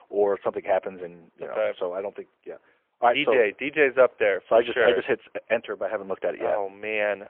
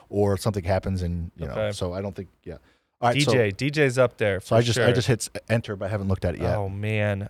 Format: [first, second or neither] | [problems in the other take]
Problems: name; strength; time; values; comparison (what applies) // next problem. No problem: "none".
second | phone-call audio; poor line; nothing above 3 kHz